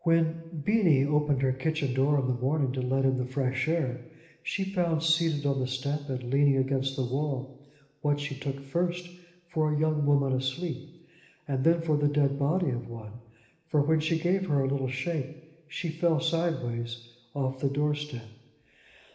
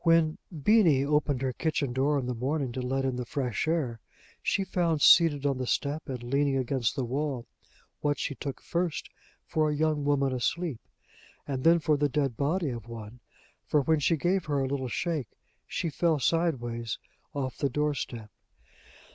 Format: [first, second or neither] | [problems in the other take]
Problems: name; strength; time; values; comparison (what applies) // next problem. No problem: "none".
second | room echo; dies away in 1.1 s